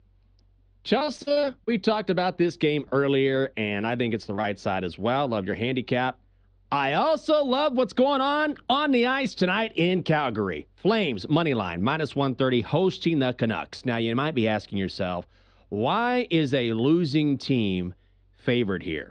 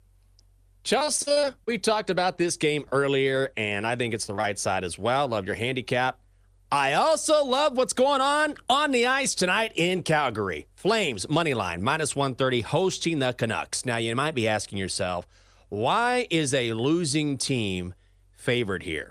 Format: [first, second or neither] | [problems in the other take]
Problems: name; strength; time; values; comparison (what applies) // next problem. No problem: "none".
second | muffled; very slightly; fading above 4 kHz